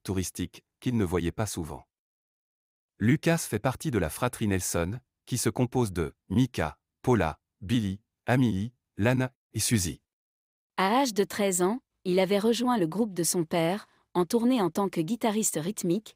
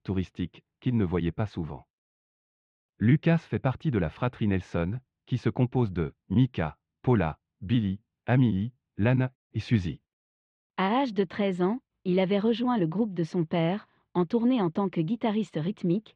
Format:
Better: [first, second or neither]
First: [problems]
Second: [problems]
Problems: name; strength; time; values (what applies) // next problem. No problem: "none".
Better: first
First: none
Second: muffled; very; fading above 3 kHz